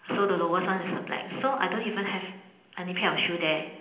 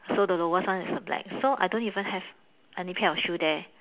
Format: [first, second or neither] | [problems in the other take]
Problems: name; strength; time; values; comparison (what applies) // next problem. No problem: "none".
second | room echo; dies away in 0.9 s